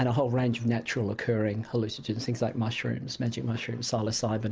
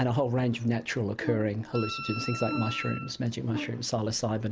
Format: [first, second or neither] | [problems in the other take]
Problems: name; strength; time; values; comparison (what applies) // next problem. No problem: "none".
first | background sound (Wind instrument, woodwind instrument + Brass instrument); 9 dB below the speech